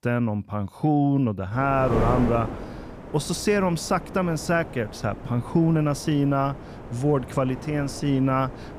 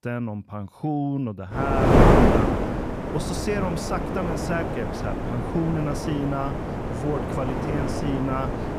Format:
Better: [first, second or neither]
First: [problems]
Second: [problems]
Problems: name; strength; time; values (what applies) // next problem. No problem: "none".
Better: first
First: wind noise on the microphone; occasional gusts; from 1.5 s on; 10 dB below the speech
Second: wind noise on the microphone; heavy; from 1.5 s on; 4 dB above the speech